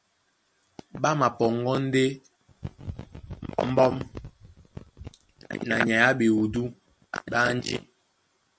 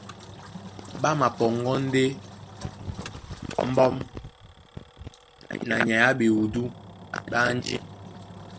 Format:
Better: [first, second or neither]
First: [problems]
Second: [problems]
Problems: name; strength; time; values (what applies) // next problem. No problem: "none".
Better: first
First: none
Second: background sound (Engine); 17 dB below the speech